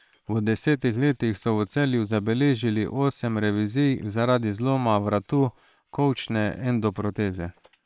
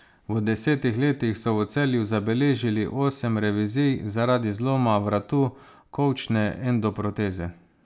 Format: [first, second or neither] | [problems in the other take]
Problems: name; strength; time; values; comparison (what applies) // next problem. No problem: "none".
second | noise reduction (neural separator model SepFormer WHAM!)